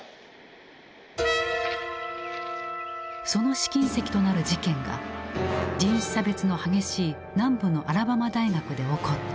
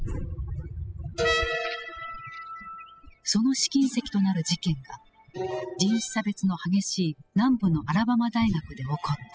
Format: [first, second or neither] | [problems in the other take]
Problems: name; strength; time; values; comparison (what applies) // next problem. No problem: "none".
first | noise reduction (classical method spectral subtraction)